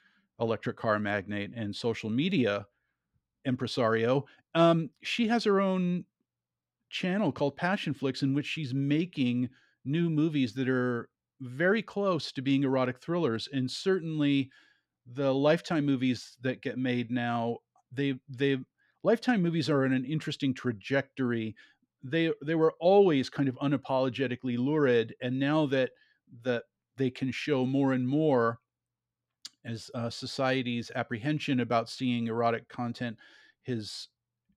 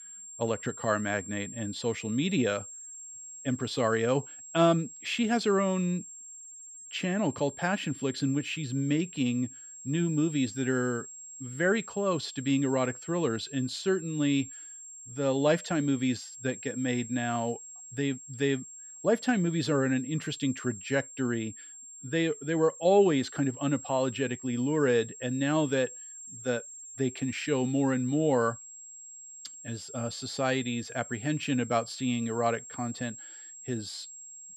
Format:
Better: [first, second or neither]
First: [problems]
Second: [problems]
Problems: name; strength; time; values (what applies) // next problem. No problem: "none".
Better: first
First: none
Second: high-pitched whine; noticeable; throughout; 7.5 kHz, 15 dB below the speech